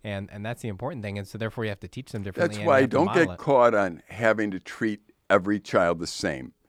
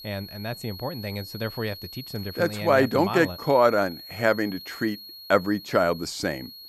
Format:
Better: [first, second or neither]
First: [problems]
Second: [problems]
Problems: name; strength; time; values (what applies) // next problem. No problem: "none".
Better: first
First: none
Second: high-pitched whine; noticeable; throughout; 4.5 kHz, 15 dB below the speech